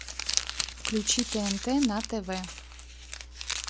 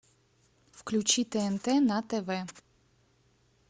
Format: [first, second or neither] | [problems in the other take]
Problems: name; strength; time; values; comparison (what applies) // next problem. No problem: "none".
second | background sound (Crumpling, crinkling); 3 dB below the speech